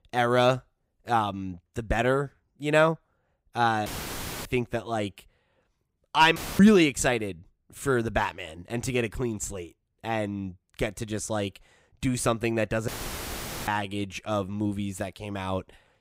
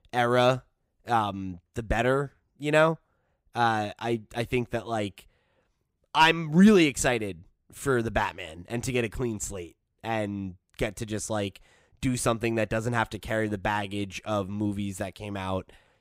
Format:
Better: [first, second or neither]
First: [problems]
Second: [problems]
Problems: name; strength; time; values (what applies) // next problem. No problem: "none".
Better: second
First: audio cutting out; filled with static; at 4 s for 0.5 s, at 6.5 s and at 13 s for 1 s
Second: none